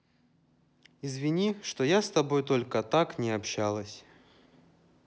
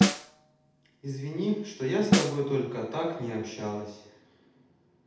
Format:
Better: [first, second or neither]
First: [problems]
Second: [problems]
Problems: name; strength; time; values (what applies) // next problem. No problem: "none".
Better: first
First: none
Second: background sound (Snare drum); 1 dB above the speech // room echo; dies away in 0.8 s